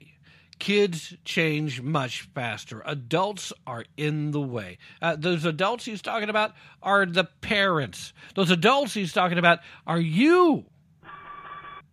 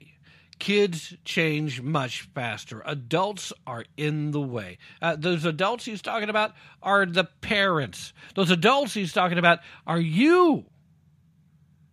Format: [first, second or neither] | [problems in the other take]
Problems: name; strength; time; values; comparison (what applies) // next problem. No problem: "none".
second | alarm; faint; at 11 s; peak 15 dB below the speech